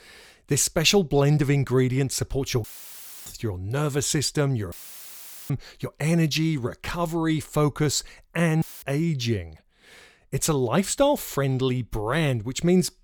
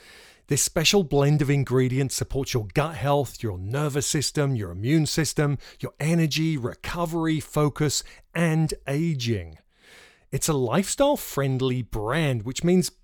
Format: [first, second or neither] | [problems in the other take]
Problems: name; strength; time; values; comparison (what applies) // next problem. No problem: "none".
second | audio cutting out; filled with static; at 2.5 s for 0.5 s, at 4.5 s for 1 s and at 8.5 s